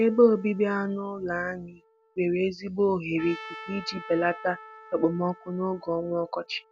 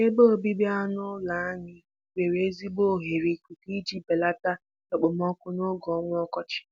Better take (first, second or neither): second